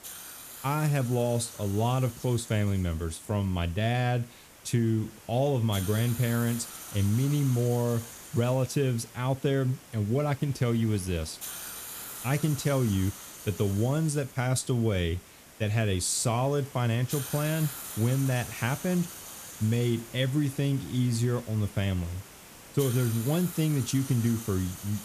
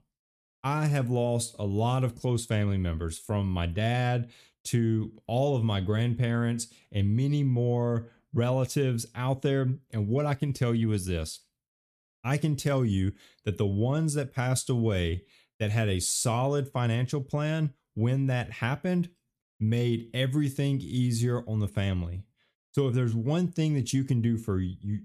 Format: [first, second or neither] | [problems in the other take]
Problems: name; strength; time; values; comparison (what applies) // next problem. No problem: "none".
second | hiss; noticeable; throughout; 15 dB below the speech